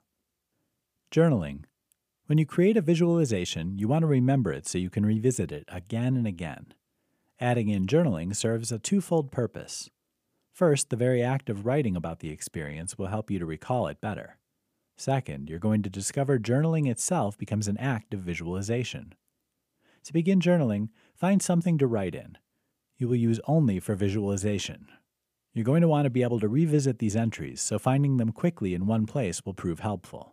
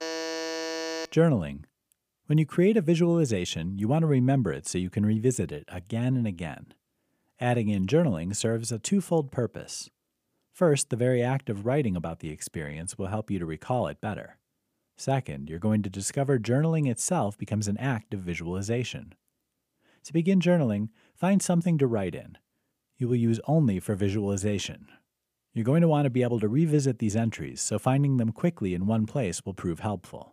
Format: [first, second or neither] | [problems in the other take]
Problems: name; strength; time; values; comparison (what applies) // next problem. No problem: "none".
first | alarm; noticeable; until 1 s; peak 5 dB below the speech